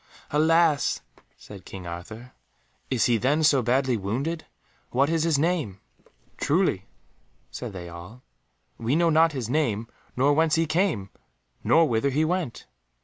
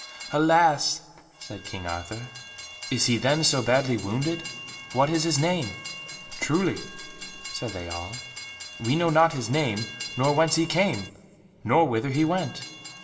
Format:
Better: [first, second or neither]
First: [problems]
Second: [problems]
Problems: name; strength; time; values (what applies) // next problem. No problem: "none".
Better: first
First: none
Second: background sound (Train); 14 dB below the speech // room echo; dies away in 1.5 s